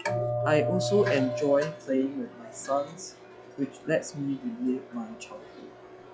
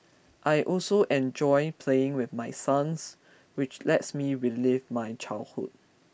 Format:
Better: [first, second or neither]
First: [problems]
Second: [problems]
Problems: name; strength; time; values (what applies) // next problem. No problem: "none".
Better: second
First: noise reduction (classical method log-MMSE)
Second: none